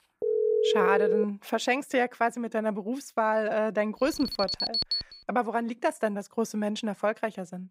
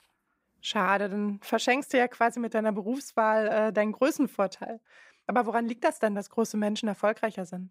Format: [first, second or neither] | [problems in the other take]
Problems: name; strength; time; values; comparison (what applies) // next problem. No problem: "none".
second | phone ringing; loud; until 1 s; peak 4 dB above the speech // alarm; loud; from 4 to 5 s; peak 2 dB above the speech